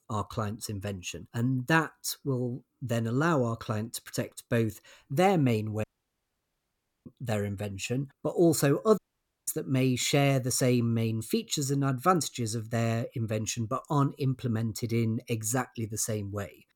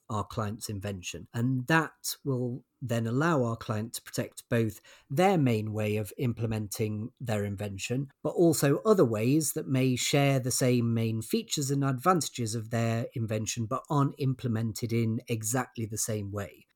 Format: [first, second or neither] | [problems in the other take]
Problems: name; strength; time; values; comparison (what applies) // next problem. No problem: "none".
second | audio cutting out; at 6 s for 1 s and at 9 s